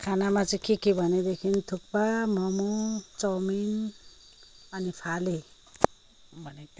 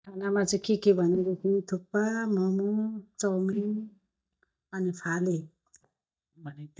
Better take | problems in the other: first | noise reduction (neural mask model DeepFilterNet 3)

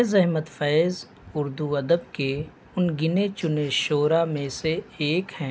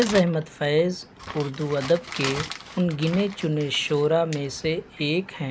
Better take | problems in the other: first | background sound (Crumpling, crinkling); 13 dB below the speech

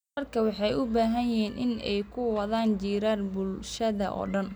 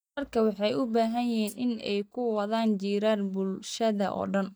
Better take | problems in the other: first | noise reduction (neural mask model DeepFilterNet 3)

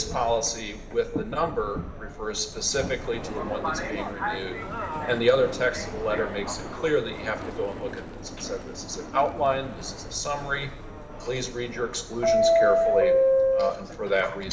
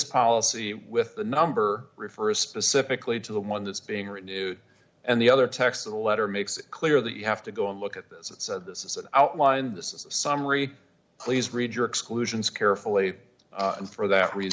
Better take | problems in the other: second | background sound (Subway, metro, underground); as loud as the speech // room echo; dies away in 0.9 s

